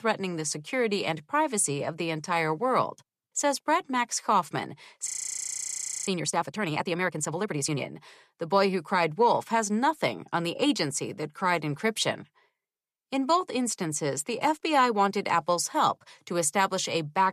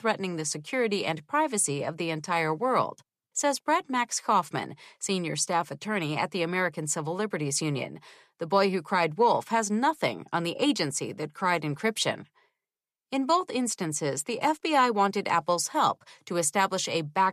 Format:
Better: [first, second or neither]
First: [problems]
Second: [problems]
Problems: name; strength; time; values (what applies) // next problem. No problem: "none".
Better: second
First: audio freezing; at 5 s for 1 s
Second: none